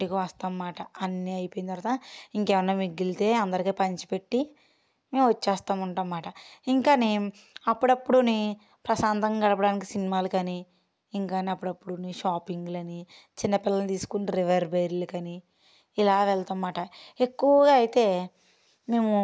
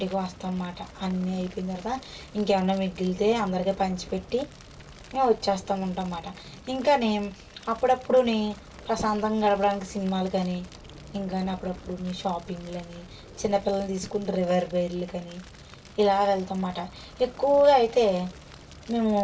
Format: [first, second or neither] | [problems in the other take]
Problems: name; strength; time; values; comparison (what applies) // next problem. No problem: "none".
first | background sound (Fire); 19 dB below the speech // room echo; dies away in 0.1 s